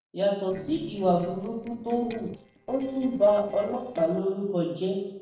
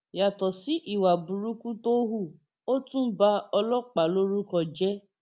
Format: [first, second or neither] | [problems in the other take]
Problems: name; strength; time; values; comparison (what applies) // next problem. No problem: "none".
second | noise reduction (neural separator model SepFormer DNS4)